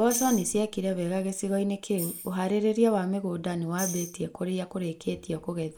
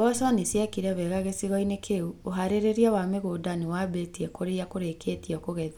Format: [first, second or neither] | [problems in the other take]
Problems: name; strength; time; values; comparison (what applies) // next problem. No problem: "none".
second | noise reduction (neural mask model Resemble Enhance denoiser)